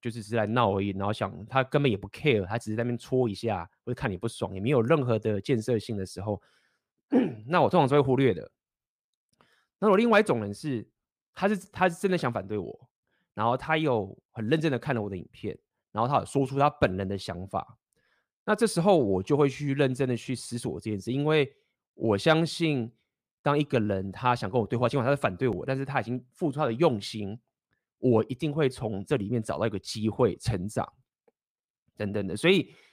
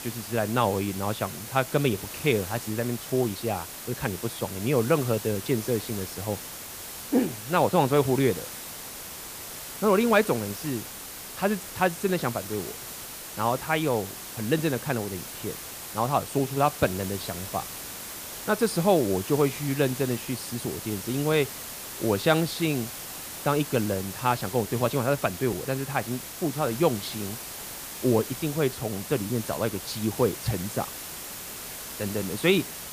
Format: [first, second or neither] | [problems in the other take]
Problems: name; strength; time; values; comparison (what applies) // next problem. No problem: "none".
first | hiss; loud; throughout; 9 dB below the speech